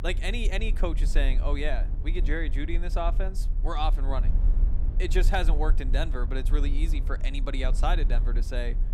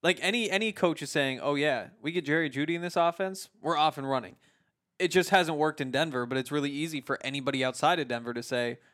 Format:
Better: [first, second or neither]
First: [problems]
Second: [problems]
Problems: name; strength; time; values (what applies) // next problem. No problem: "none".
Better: second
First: low rumble; noticeable; throughout; 15 dB below the speech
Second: none